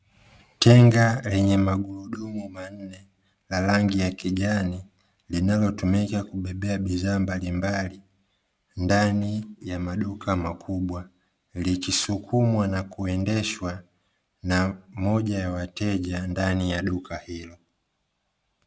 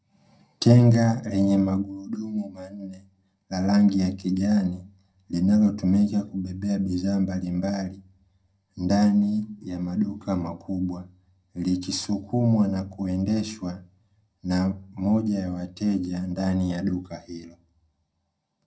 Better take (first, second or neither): first